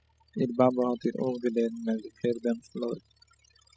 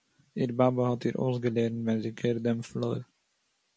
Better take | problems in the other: second | noise reduction (classical method spectral subtraction)

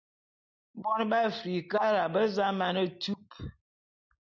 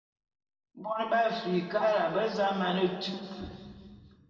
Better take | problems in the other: first | room echo; dies away in 2.1 s

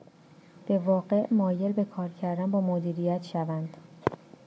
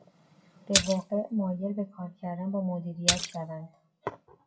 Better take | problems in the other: first | noise reduction (classical method WPE with log-MMSE)

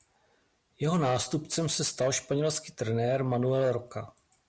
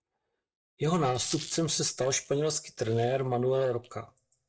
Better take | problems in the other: first | noise reduction (neural mask model DeepFilterNet 3)

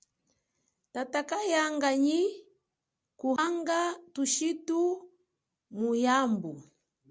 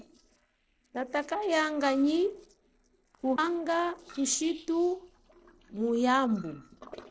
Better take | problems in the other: first | noise reduction (neural separator model SepFormer DNS4)

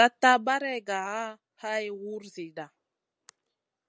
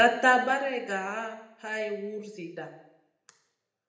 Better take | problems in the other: first | room echo; dies away in 0.8 s

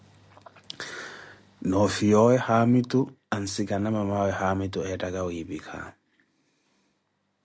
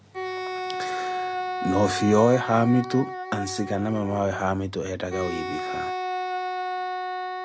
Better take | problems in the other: first | background sound (Wind instrument, woodwind instrument); 5 dB below the speech

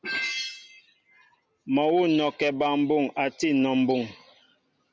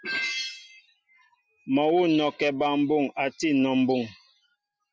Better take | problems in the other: first | noise reduction (classical method Wiener filter)

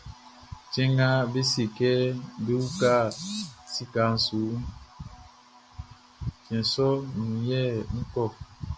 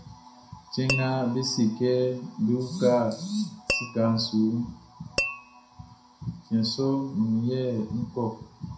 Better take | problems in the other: first | background sound (Tap / Glass); 8 dB below the speech // room echo; dies away in 0.4 s

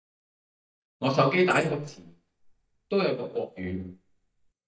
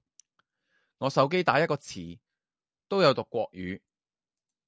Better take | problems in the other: second | noise reduction (neural mask model DeepFilterNet 3)

